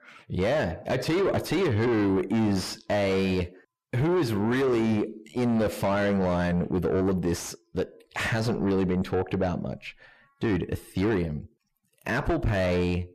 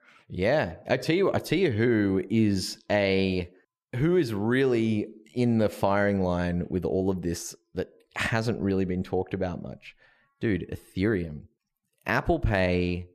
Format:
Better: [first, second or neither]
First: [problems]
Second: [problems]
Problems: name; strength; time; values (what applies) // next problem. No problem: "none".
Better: second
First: distortion; heavy; 6 dB below the speech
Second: none